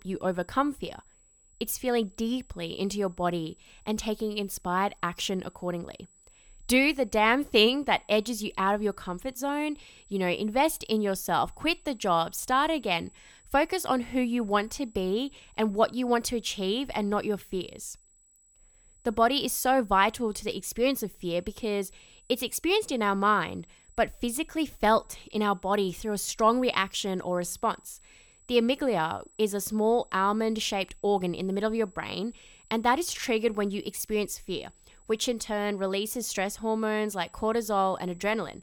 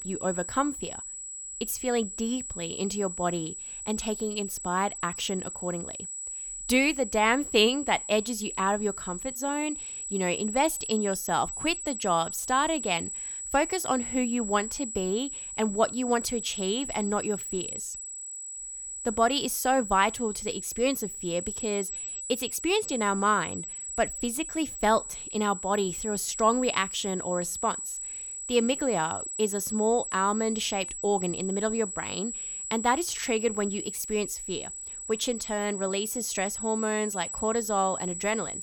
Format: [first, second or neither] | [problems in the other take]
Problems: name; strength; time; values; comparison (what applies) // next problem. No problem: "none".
first | high-pitched whine; loud; throughout; 8 kHz, 6 dB below the speech; faint in the first